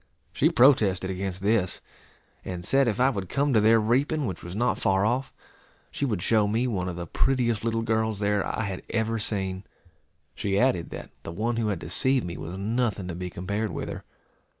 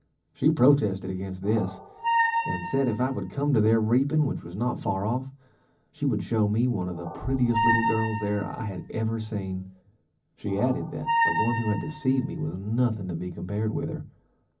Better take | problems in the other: first | background sound (Squeak); 4 dB below the speech // room echo; dies away in 0.4 s

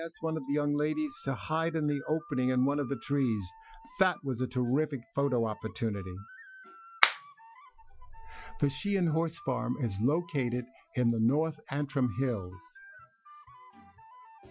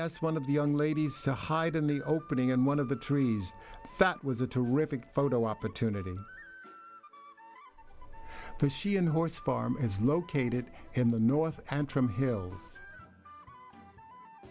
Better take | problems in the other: second | noise reduction (classical method Wiener filter)

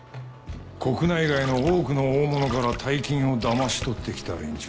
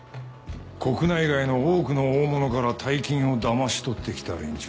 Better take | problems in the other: second | background sound (Splash, splatter); 12 dB below the speech

